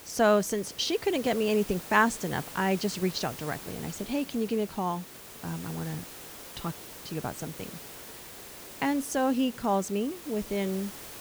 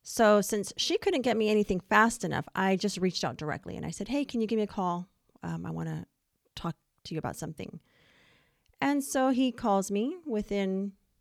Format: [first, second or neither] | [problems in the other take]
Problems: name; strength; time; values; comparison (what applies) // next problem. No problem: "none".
second | hiss; noticeable; throughout; 15 dB below the speech